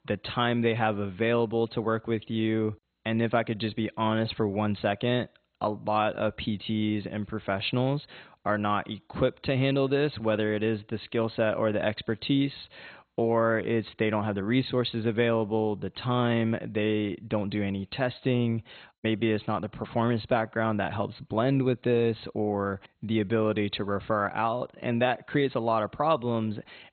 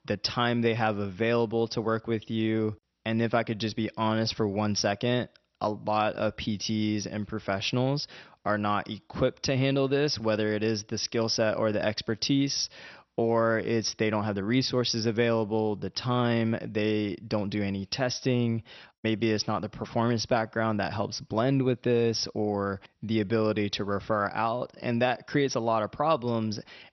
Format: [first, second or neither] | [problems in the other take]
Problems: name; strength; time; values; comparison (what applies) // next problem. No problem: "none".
second | garbled, watery; badly; nothing above 4 kHz; slightly in the second